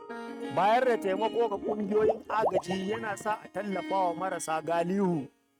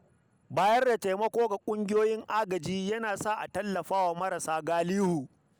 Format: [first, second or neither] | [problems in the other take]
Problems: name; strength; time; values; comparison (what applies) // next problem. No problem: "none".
second | noise reduction (neural mask model RNNoise)